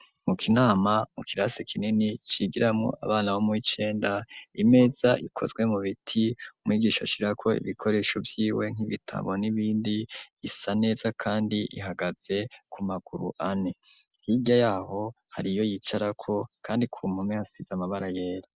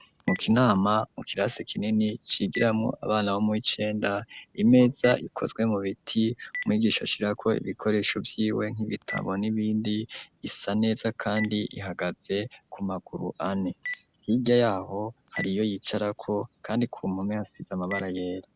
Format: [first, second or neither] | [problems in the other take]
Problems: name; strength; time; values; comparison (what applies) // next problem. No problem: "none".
first | background sound (Telephone); 17 dB below the speech